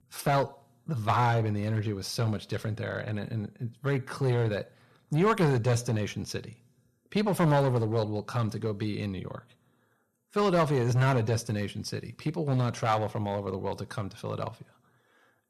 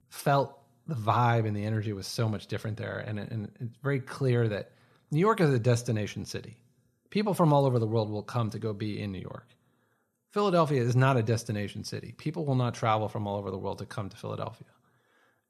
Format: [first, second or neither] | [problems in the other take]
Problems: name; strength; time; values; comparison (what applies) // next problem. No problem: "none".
second | distortion; slight; 4% of the sound clipped